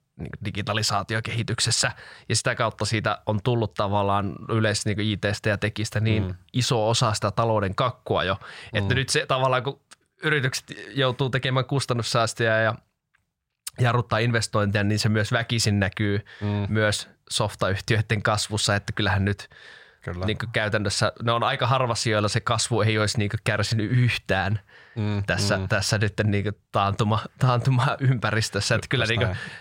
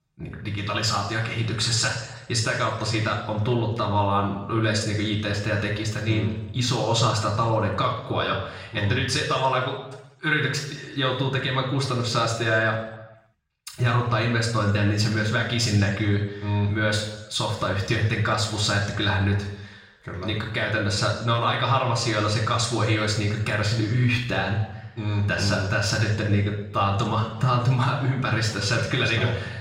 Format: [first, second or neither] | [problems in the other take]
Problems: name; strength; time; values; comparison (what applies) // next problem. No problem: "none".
first | room echo; noticeable; dies away in 0.8 s // off-mic speech; far